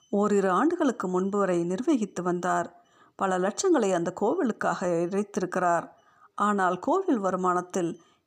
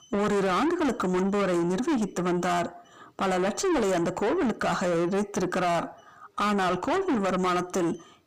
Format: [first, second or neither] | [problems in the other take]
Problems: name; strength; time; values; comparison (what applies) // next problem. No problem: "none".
first | distortion; heavy; 7 dB below the speech